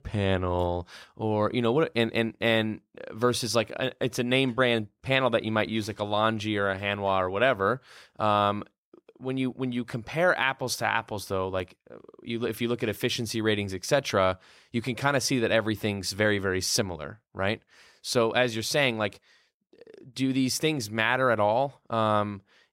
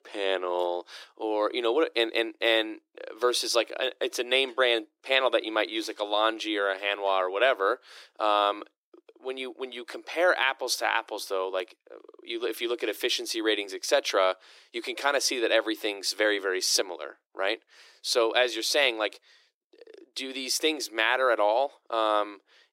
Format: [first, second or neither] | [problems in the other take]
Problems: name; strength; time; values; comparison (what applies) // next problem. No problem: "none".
first | thin; very; fading below 300 Hz